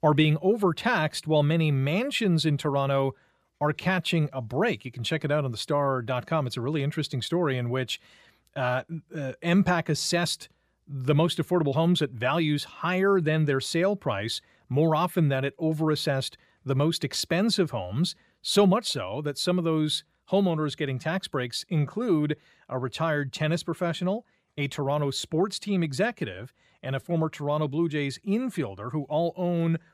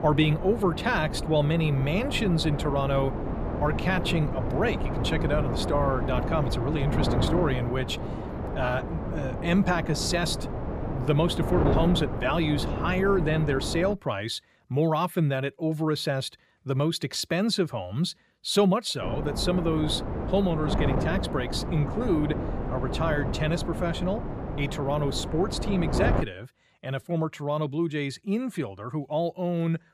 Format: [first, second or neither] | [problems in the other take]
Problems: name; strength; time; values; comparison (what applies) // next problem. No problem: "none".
first | wind noise on the microphone; heavy; until 14 s and from 19 to 26 s; 6 dB below the speech